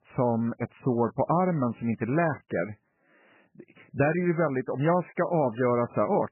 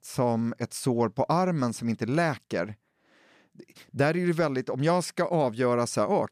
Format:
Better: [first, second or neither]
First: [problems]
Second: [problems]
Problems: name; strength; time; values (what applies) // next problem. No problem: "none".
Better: second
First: garbled, watery; badly; nothing above 2.5 kHz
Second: none